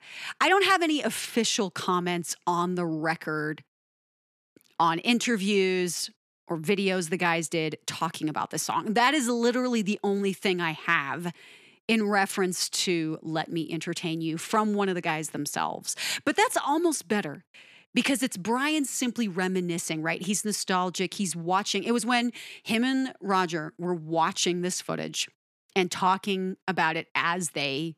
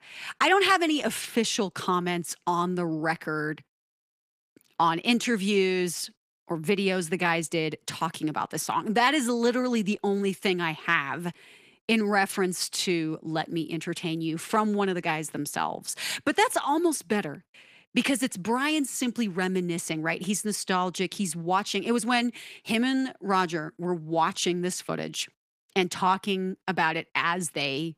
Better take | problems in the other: first | garbled, watery; slightly; nothing above 15 kHz

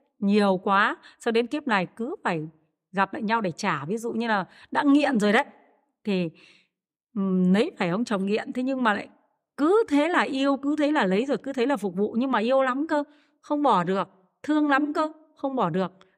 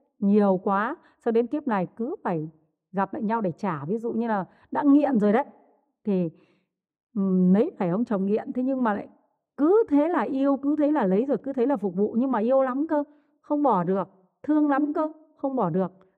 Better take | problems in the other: first | muffled; very; fading above 1.5 kHz

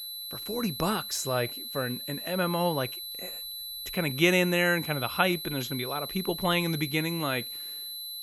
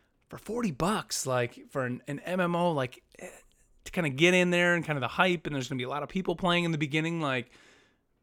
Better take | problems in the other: second | high-pitched whine; loud; throughout; 4 kHz, 7 dB below the speech

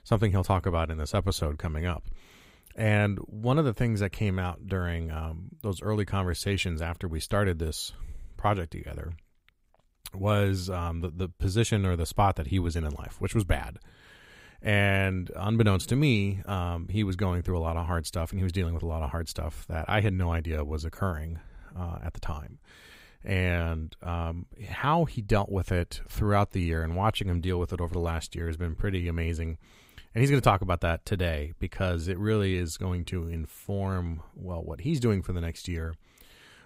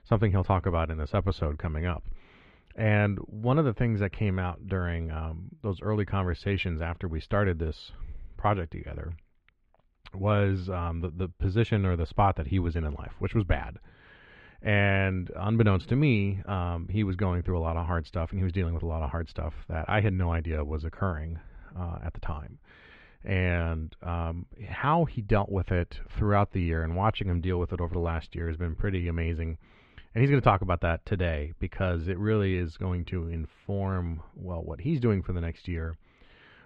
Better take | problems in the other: first | muffled; slightly; fading above 3 kHz

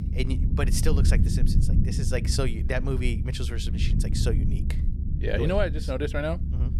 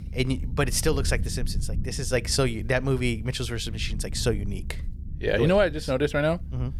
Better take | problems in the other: second | low rumble; loud; throughout; 9 dB below the speech; faint in the second

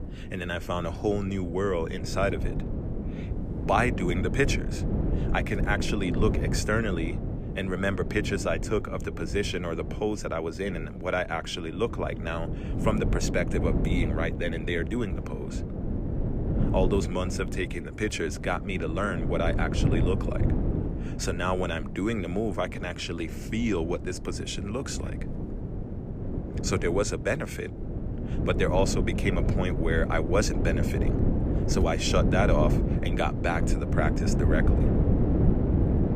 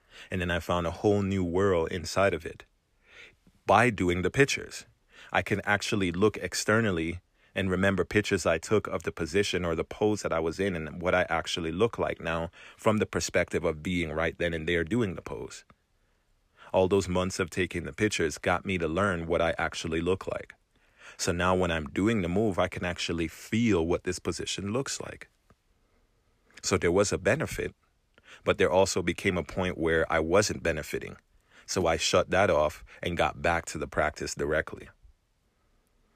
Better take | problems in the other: second | wind noise on the microphone; heavy; 7 dB below the speech

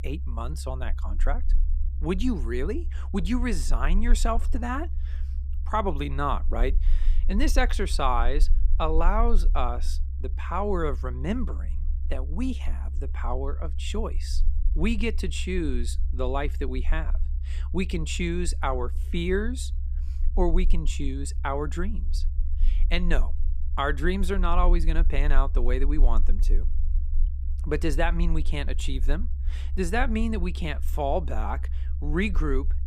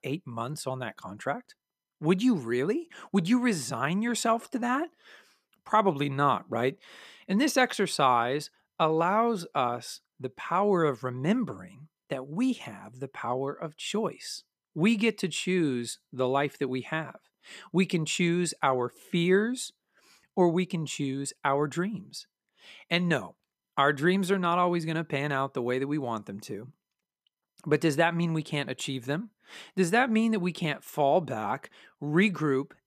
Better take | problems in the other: second | low rumble; faint; throughout; 20 dB below the speech

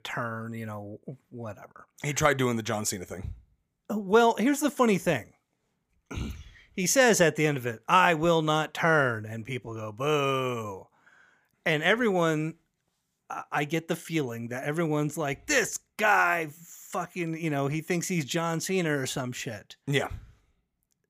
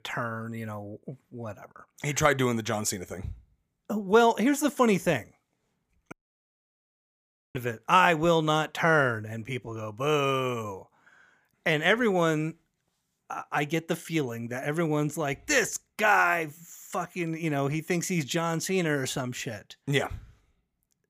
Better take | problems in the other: first | audio cutting out; at 6 s for 1.5 s

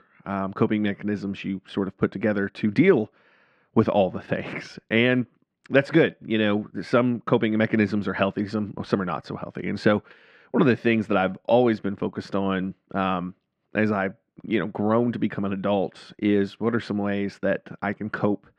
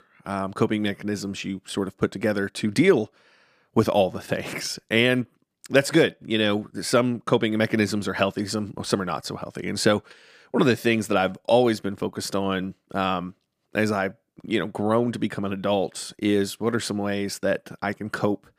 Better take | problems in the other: second | muffled; slightly; fading above 2.5 kHz

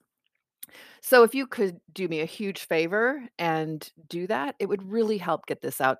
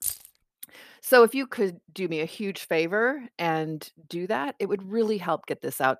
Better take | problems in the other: first | jangling keys; noticeable; at the start; peak 5 dB below the speech

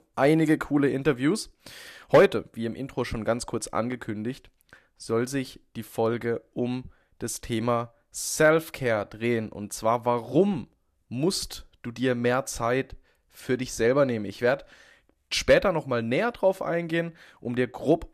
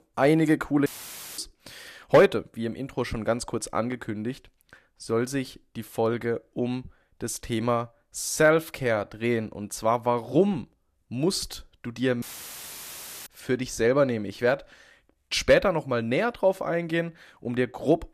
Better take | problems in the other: first | audio cutting out; filled with static; at 1 s for 0.5 s and at 12 s for 1 s

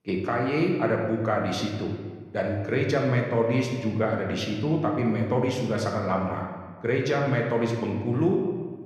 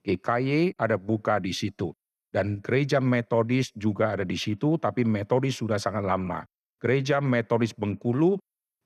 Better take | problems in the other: second | room echo; noticeable; dies away in 1.2 s // off-mic speech; somewhat distant

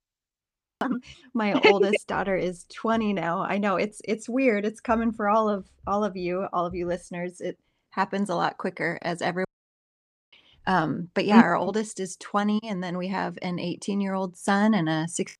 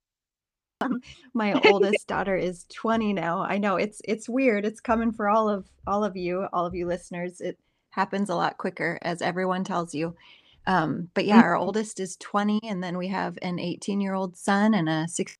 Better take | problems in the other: second | audio cutting out; at 9.5 s for 1 s

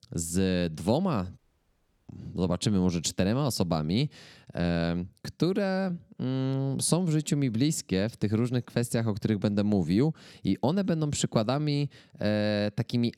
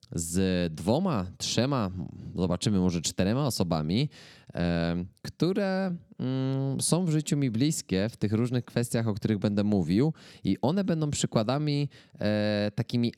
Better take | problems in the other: second | audio cutting out; at 1.5 s for 0.5 s

